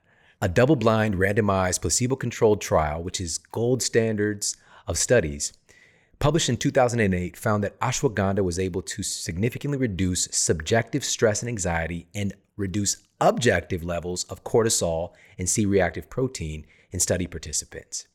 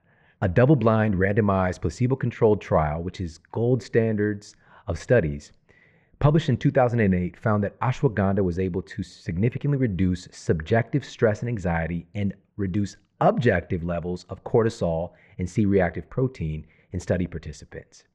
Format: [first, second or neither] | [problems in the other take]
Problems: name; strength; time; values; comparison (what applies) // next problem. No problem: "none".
first | muffled; very; fading above 2 kHz